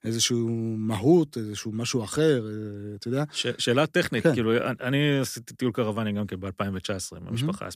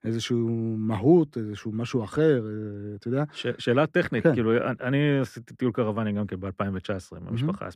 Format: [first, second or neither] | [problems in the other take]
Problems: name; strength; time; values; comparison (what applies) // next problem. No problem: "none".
first | muffled; slightly; fading above 3.5 kHz